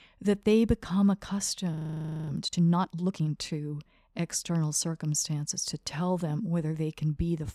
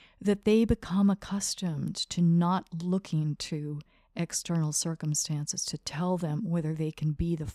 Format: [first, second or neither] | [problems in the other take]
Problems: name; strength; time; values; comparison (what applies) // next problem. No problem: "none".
second | audio freezing; at 1.5 s for 0.5 s